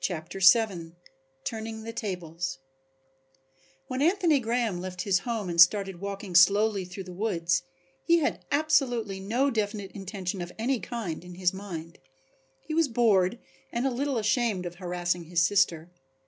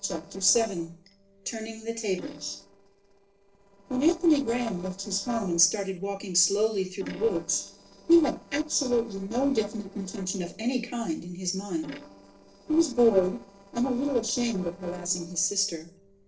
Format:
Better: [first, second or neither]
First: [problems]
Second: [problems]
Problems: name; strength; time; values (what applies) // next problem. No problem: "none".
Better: first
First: none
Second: noise reduction (neural separator model SepFormer DNS4)